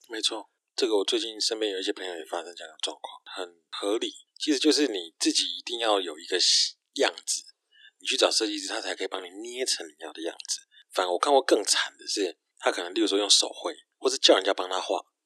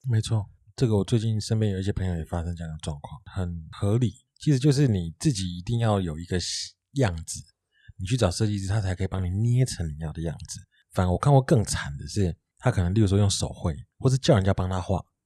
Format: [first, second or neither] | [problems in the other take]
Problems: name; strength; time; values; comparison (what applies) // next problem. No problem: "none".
second | thin; very; fading below 300 Hz